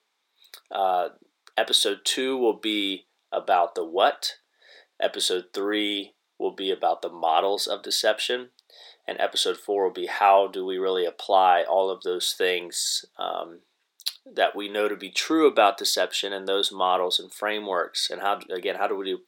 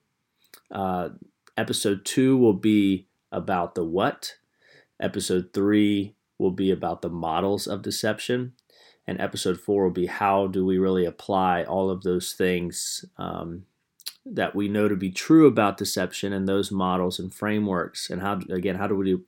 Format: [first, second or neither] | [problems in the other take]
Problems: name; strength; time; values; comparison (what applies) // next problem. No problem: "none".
second | thin; very; fading below 450 Hz